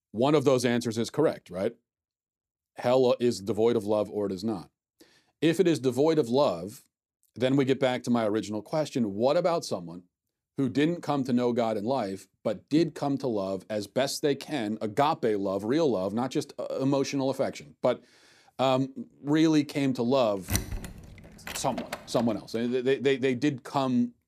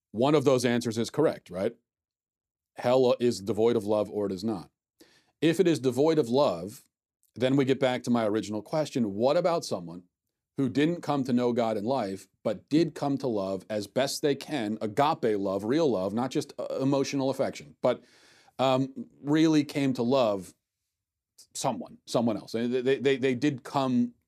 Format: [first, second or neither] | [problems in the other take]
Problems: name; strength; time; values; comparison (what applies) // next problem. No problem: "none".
second | door banging; noticeable; from 21 to 22 s; peak 4 dB below the speech